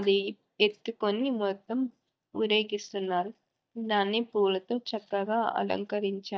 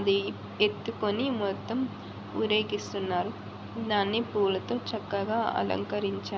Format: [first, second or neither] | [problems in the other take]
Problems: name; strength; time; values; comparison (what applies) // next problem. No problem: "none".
second | noise reduction (neural mask model DeepFilterNet 3)